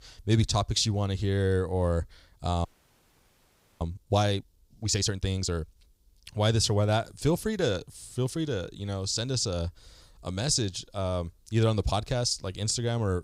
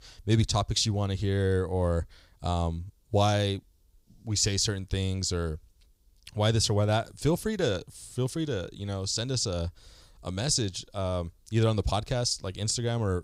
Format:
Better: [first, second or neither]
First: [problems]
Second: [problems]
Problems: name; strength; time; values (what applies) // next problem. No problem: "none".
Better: second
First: audio freezing; at 2.5 s for 1 s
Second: none